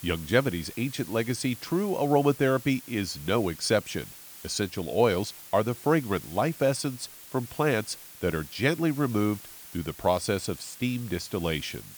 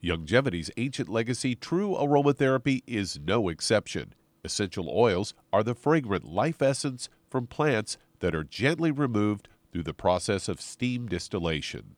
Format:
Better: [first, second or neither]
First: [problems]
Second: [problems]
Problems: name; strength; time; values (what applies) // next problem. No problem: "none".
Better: second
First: hiss; noticeable; throughout; 15 dB below the speech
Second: none